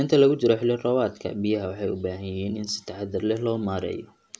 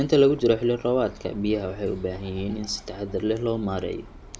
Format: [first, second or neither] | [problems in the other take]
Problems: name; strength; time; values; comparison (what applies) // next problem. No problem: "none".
first | background sound (Bird); 18 dB below the speech